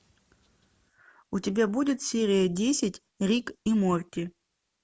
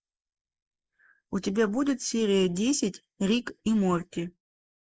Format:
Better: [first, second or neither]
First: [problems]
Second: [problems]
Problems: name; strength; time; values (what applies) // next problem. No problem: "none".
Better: first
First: none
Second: noise reduction (neural mask model Resemble Enhance denoiser)